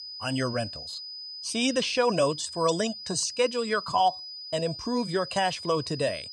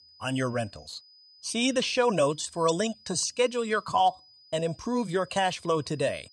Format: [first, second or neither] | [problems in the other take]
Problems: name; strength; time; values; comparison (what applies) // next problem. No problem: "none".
second | high-pitched whine; loud; throughout; 5 kHz, 10 dB below the speech; faint in the second